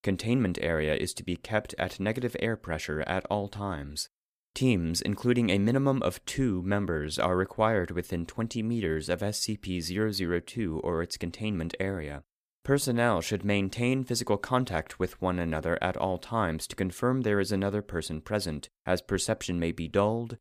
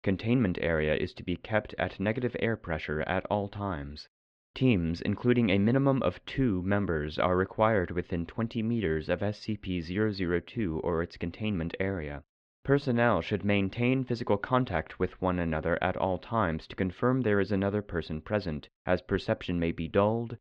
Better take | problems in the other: first | muffled; slightly; fading above 3.5 kHz

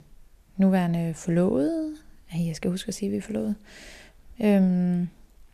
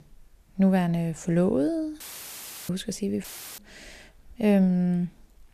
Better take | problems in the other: first | audio cutting out; filled with static; at 2 s for 0.5 s and at 3 s

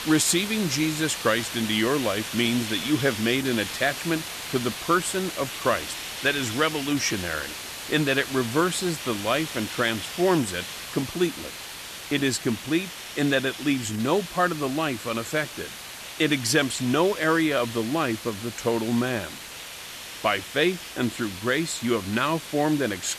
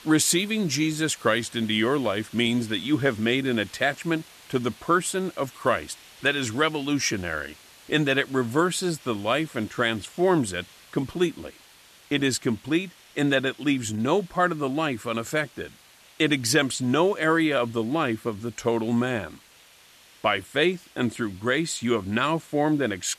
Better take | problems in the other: second | hiss; loud; throughout; 8 dB below the speech; faint in the second

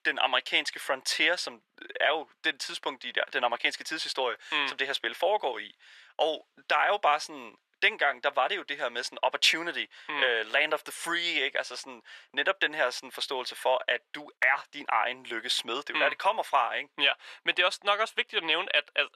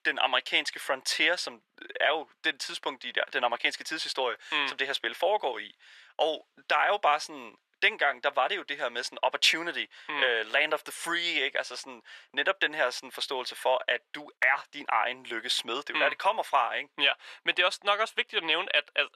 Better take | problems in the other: neither | thin; very; fading below 550 Hz; the same in both

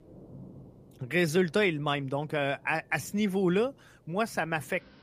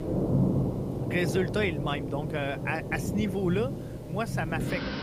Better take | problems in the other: first | rain or running water; loud; throughout; as loud as the speech; faint in the first

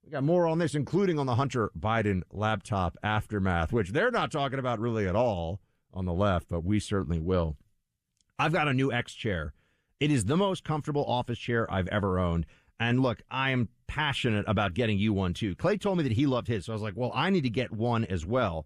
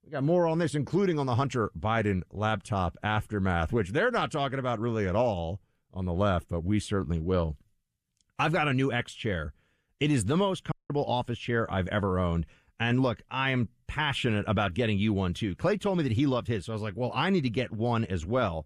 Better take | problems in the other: first | audio cutting out; at 11 s

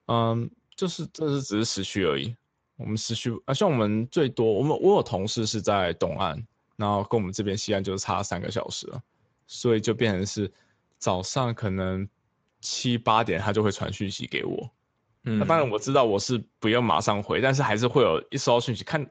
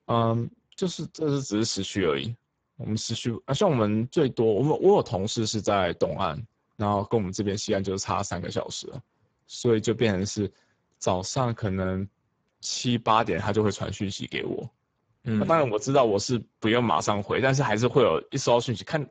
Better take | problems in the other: first | garbled, watery; badly; nothing above 7.5 kHz; slightly in the first

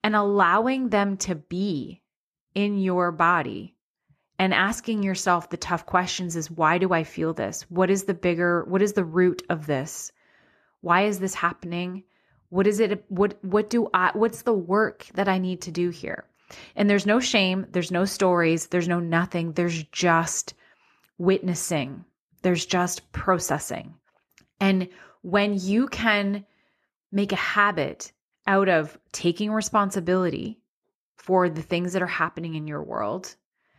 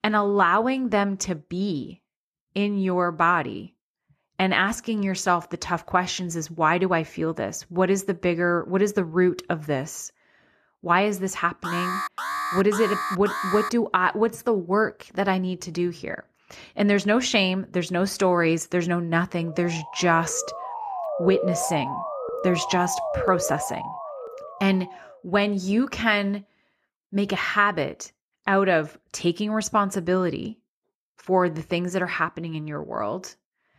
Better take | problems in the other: first | alarm; noticeable; from 12 to 14 s; peak 3 dB below the speech // siren; noticeable; from 19 to 25 s; peak 2 dB below the speech

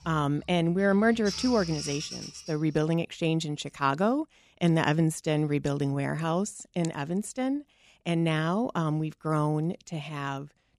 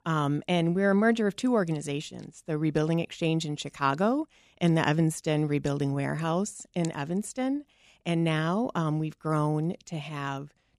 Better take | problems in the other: second | animal sounds; loud; until 2 s; 9 dB below the speech

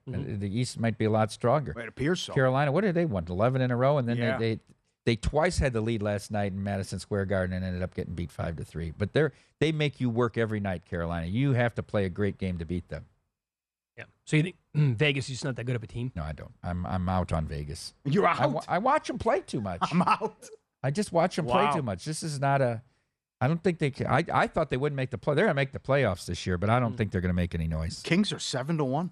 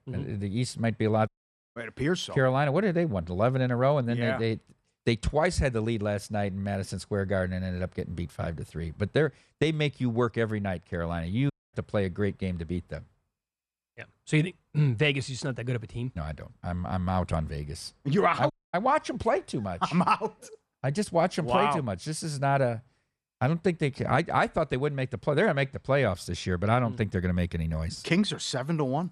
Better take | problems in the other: first | audio cutting out; at 1.5 s, at 12 s and at 19 s

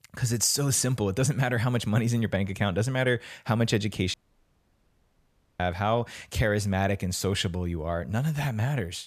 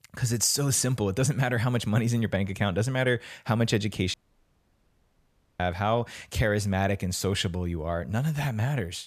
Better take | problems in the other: neither | audio cutting out; at 4 s for 1.5 s; the same in both

